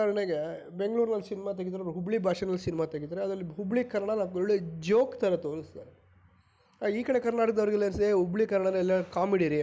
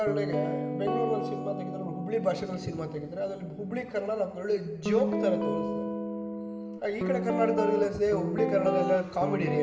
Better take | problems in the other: first | background sound (Guitar); 3 dB below the speech // room echo; dies away in 2.5 s

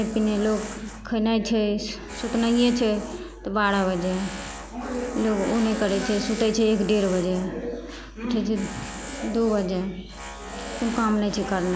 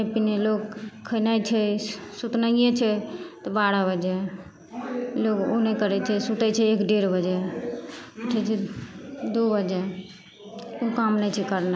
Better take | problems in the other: second | background sound (Tools); 13 dB below the speech

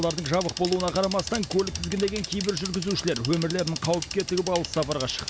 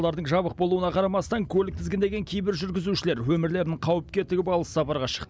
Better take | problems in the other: second | background sound (Bicycle); 8 dB below the speech

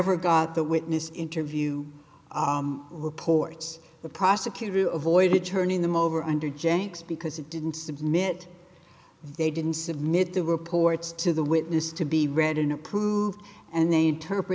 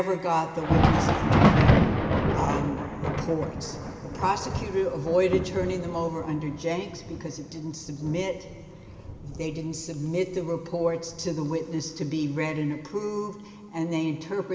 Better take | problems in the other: first | background sound (Thunder); 1 dB above the speech // room echo; dies away in 2.3 s

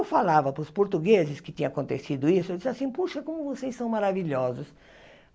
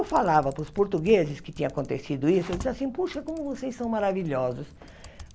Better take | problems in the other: first | background sound (Typing); 17 dB below the speech

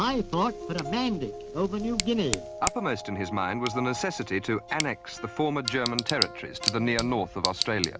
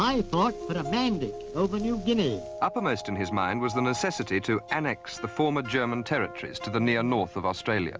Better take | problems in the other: second | background sound (Tick / Bicycle); 7 dB below the speech

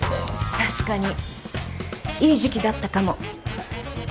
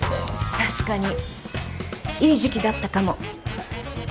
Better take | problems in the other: first | background sound (Motor vehicle (road) + Cowbell); 18 dB below the speech

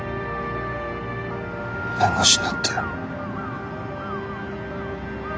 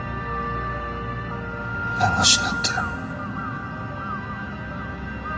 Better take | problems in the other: first | room echo; dies away in 1.6 s

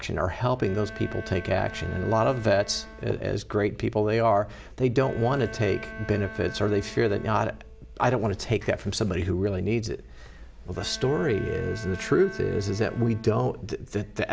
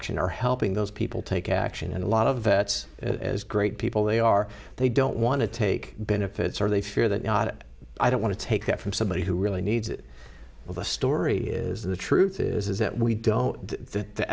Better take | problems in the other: second | background sound (Bowed string instrument); 17 dB below the speech

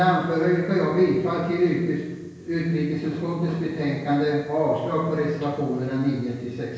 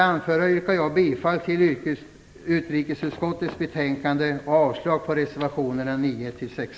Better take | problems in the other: second | room echo; dies away in 1 s

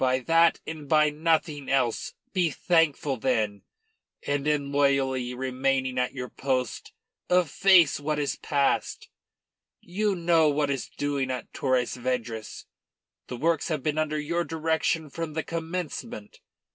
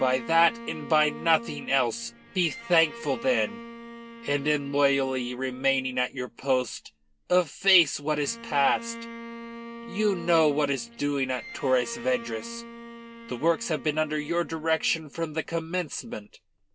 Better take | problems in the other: first | background sound (Bowed string instrument); 15 dB below the speech

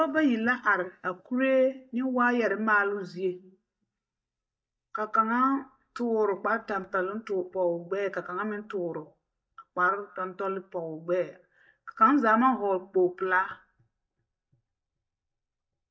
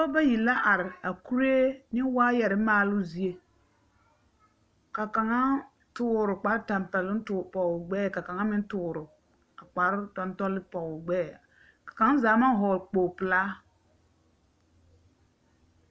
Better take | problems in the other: second | noise reduction (neural mask model DeepFilterNet 3)

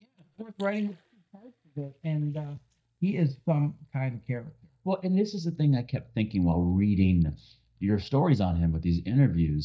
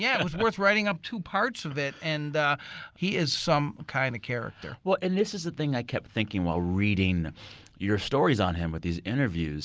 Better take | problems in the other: second | noise reduction (neural mask model DeepFilterNet 3)

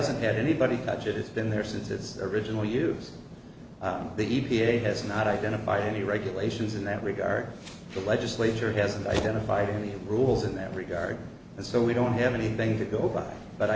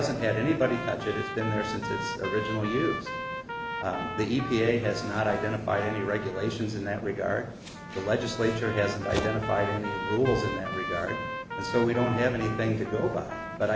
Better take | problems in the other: first | background sound (Trumpet); 8 dB below the speech

